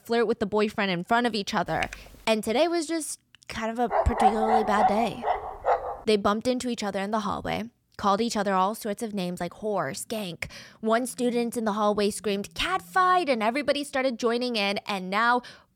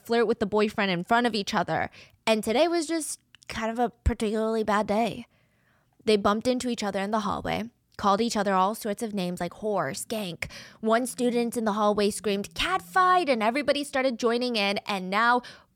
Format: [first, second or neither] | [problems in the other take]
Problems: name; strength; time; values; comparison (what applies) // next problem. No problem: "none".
second | keyboard typing; faint; at 1.5 s; peak 10 dB below the speech // dog barking; loud; from 4 to 6 s; peak 4 dB above the speech